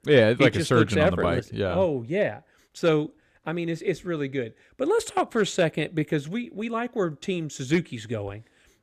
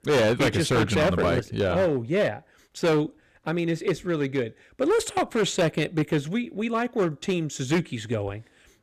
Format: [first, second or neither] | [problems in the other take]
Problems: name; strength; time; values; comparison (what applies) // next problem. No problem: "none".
first | distortion; heavy; 10% of the sound clipped